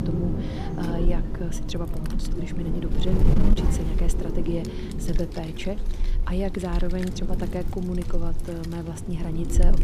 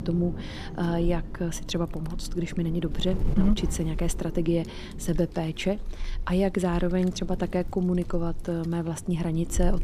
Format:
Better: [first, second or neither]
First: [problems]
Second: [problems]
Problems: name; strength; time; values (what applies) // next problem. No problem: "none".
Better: second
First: wind noise on the microphone; heavy; 3 dB below the speech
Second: wind noise on the microphone; occasional gusts; 15 dB below the speech